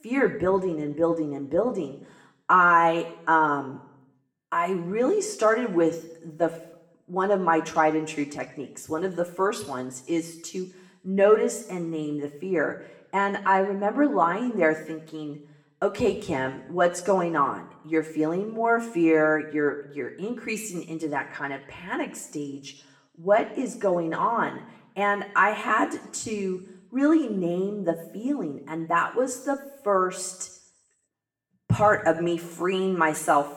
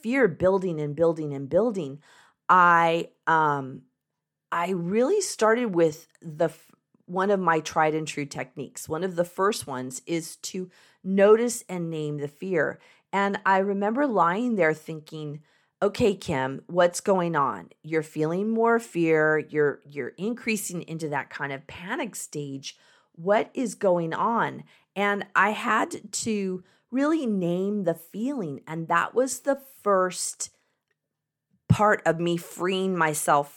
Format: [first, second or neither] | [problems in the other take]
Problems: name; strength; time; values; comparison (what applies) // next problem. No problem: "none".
second | room echo; very slight; dies away in 0.7 s // off-mic speech; somewhat distant